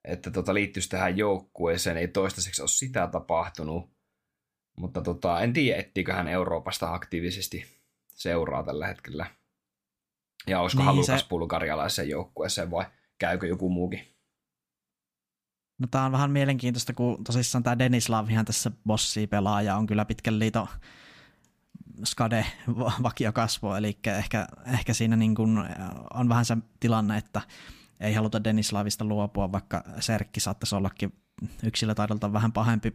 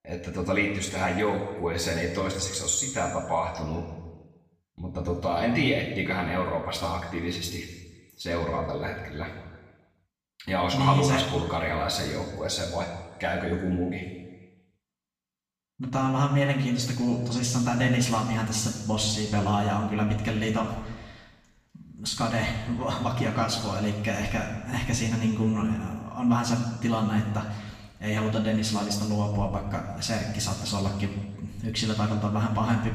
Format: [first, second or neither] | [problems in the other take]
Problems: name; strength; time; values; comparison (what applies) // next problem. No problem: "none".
first | room echo; noticeable; dies away in 1.2 s // off-mic speech; far